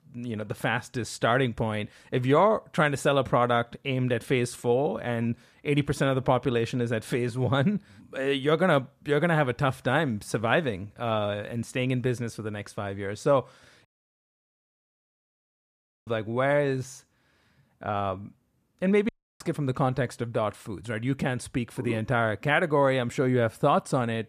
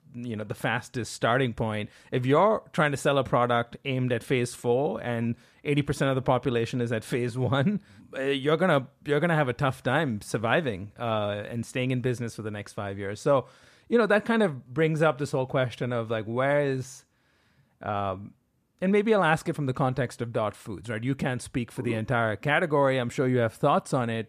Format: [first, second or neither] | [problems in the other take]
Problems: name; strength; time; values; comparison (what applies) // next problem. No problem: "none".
second | audio cutting out; at 14 s for 2 s and at 19 s